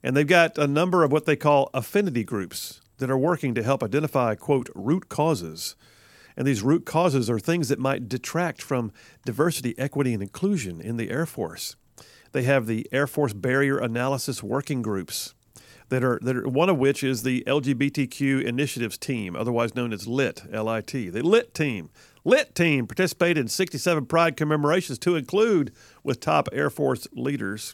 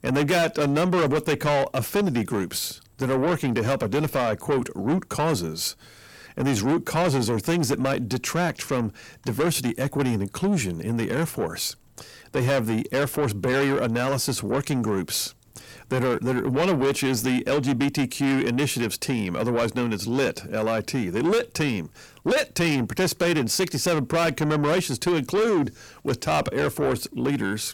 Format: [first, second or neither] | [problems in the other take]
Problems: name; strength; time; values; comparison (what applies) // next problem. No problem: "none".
first | distortion; heavy; 6 dB below the speech